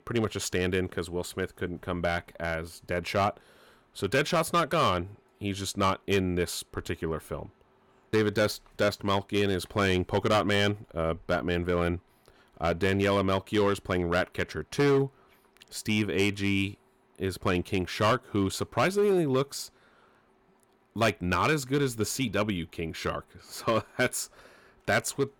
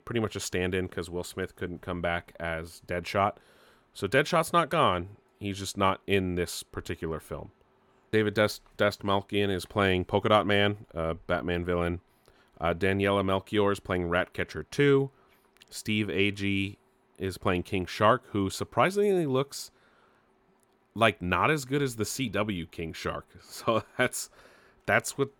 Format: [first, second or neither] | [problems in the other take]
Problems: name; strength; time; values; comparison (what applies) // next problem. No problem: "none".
second | distortion; slight; 4% of the sound clipped